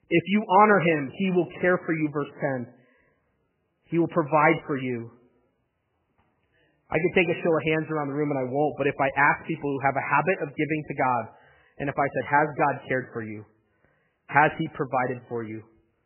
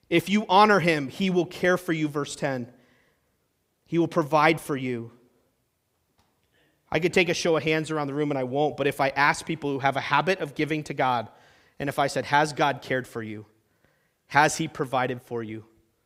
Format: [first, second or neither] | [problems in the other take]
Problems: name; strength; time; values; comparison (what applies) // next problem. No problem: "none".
second | garbled, watery; badly; nothing above 3 kHz